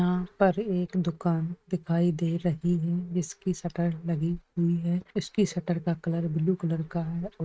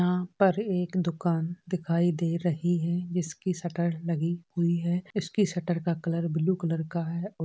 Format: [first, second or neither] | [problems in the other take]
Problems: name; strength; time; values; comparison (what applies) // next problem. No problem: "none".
second | noise reduction (neural mask model RNNoise)